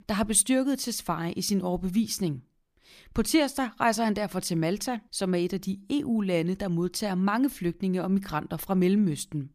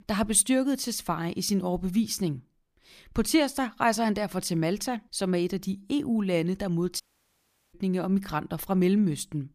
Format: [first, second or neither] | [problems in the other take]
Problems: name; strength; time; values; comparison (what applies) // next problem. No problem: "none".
first | audio cutting out; at 7 s for 0.5 s